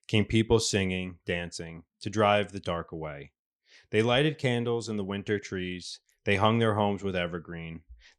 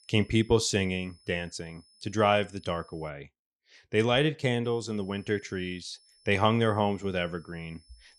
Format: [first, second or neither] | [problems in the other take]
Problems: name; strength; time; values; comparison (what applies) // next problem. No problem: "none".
first | high-pitched whine; faint; until 3 s and from 4.5 s on; 5.5 kHz, 30 dB below the speech